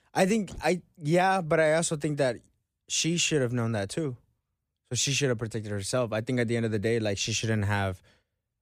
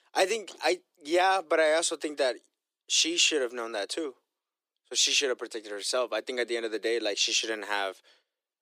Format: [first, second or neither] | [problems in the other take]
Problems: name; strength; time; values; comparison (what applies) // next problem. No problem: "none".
first | thin; very; fading below 350 Hz